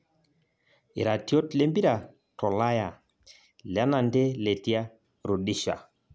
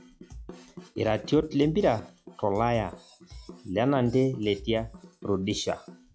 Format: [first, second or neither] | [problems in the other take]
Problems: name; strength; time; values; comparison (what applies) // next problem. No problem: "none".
first | noise reduction (classical method log-MMSE)